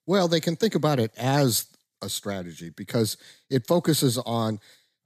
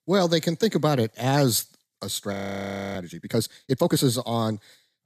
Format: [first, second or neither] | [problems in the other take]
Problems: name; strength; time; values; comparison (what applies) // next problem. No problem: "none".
first | audio freezing; at 2.5 s for 0.5 s